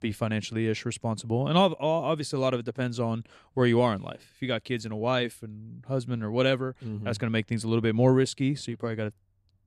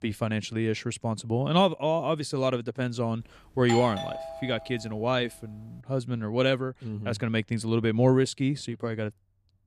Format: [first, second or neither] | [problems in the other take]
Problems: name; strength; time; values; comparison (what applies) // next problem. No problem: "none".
first | doorbell; noticeable; from 3.5 to 5 s; peak 5 dB below the speech